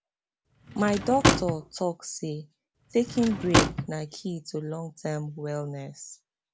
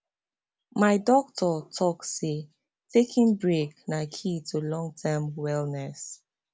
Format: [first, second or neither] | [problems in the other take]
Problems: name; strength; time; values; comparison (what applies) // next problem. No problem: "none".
second | background sound (Drawer open or close / Wood); 3 dB above the speech